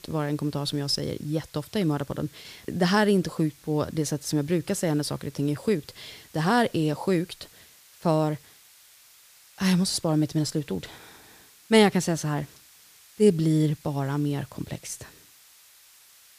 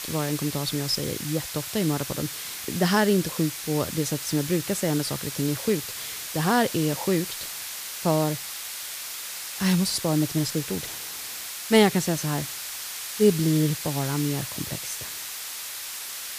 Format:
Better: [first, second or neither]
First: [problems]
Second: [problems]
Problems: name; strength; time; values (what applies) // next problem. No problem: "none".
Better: first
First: hiss; faint; throughout; 25 dB below the speech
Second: hiss; loud; throughout; 6 dB below the speech